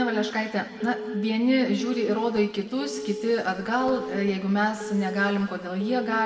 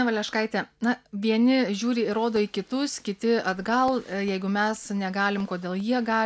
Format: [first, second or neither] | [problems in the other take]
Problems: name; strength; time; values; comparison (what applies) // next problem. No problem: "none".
second | background sound (Telephone); 11 dB below the speech // room echo; dies away in 1.6 s